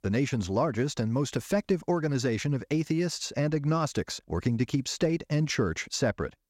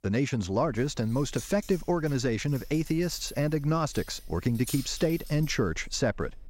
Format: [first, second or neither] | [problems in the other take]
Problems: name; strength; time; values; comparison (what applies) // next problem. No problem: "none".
first | jangling keys; noticeable; from 0.5 s on; peak 9 dB below the speech